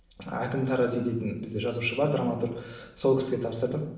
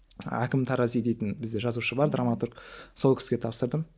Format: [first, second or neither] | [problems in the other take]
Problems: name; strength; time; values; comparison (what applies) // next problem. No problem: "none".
second | room echo; dies away in 0.9 s